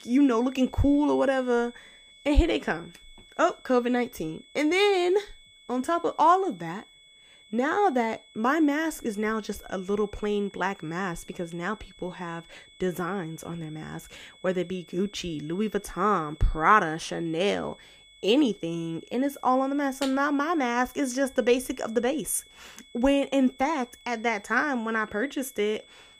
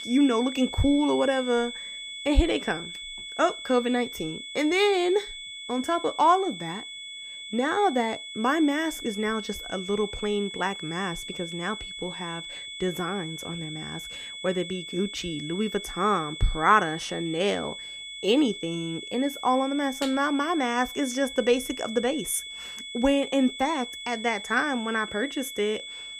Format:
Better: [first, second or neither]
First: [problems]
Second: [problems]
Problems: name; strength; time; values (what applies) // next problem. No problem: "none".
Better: first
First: high-pitched whine; faint; throughout; 3.5 kHz, 25 dB below the speech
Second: high-pitched whine; loud; throughout; 3.5 kHz, 9 dB below the speech